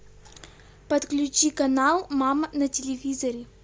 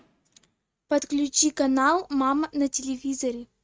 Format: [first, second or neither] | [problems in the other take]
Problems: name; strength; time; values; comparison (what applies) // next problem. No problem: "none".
first | noise reduction (neural mask model RNNoise)